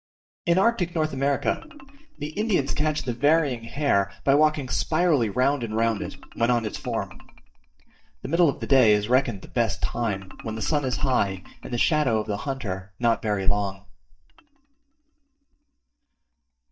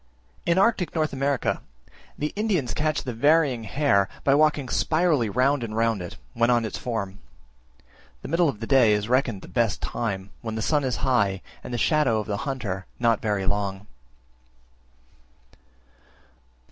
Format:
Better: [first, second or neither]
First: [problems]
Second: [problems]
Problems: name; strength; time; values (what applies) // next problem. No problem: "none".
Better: second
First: noise reduction (neural mask model DeepFilterNet 3)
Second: none